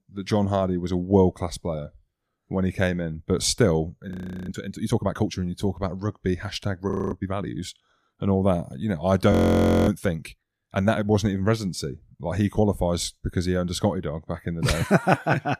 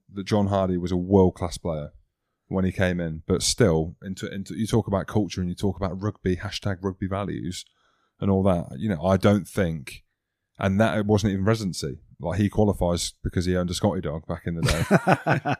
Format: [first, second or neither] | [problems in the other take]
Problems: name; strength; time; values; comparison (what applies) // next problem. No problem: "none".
second | audio freezing; at 4 s, at 7 s and at 9.5 s for 0.5 s